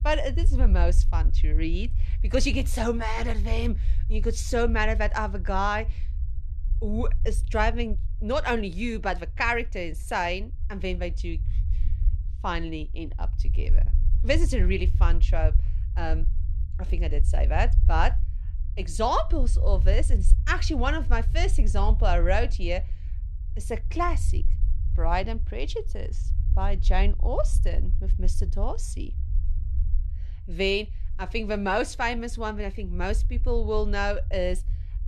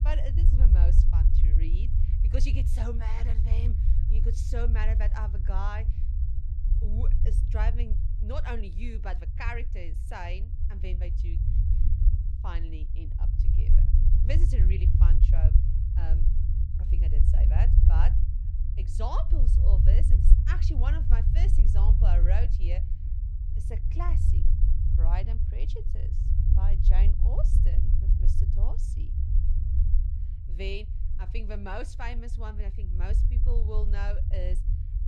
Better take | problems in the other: first | low rumble; loud; throughout; 4 dB below the speech; faint in the first

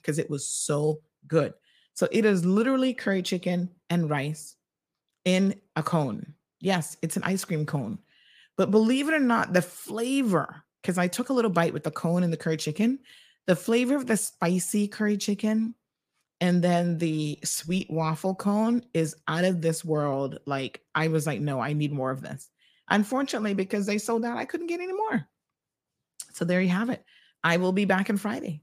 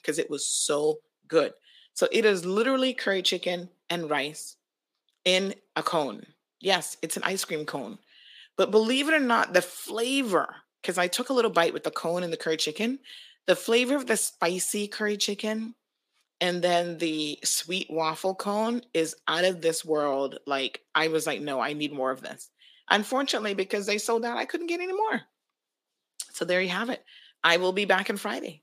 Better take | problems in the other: first | thin; somewhat; fading below 300 Hz

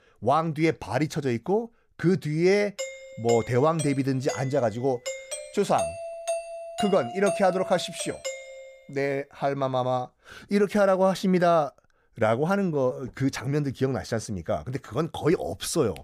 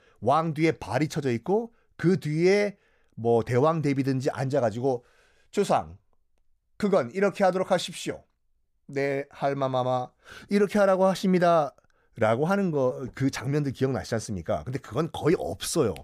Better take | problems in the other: second | doorbell; noticeable; from 3 to 8.5 s; peak 6 dB below the speech

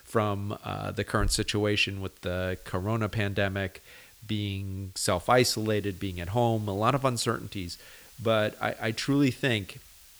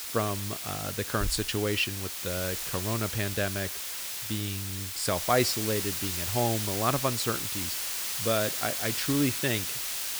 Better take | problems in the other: first | hiss; loud; throughout; 1 dB below the speech; faint in the first

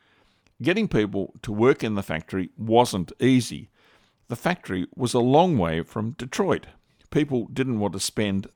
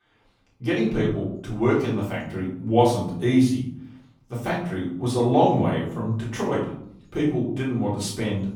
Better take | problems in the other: first | off-mic speech; far // room echo; noticeable; dies away in 0.7 s

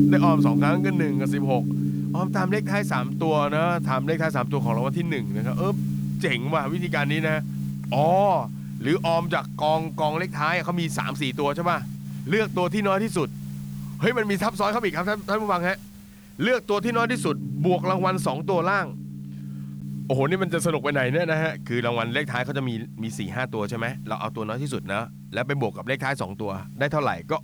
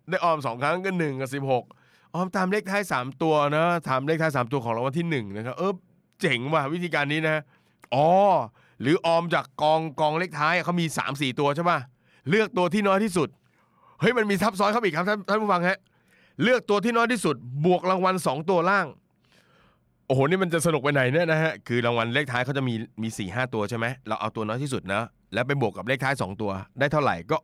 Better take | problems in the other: second | background music; loud; throughout; 4 dB below the speech

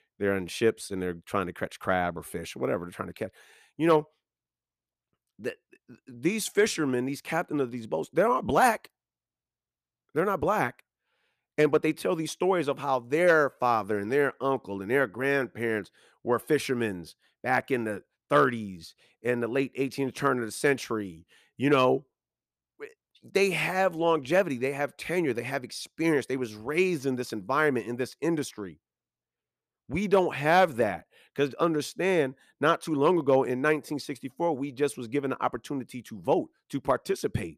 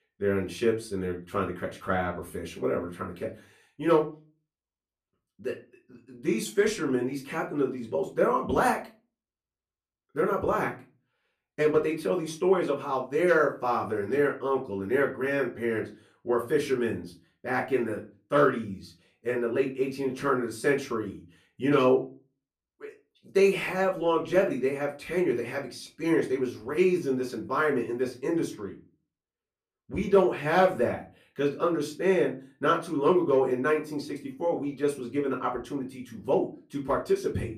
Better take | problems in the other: first | off-mic speech; far // room echo; very slight; dies away in 0.3 s

